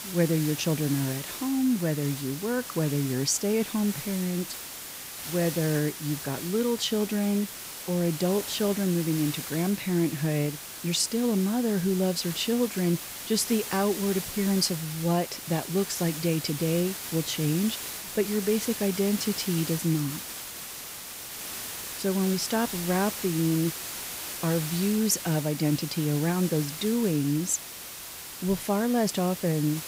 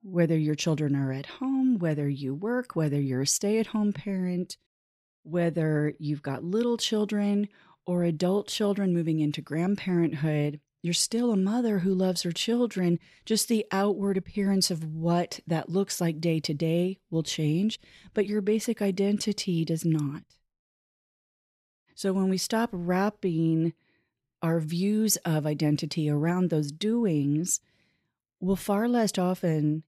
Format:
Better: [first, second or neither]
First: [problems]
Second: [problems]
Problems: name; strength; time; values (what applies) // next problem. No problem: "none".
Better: second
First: hiss; loud; throughout; 7 dB below the speech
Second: none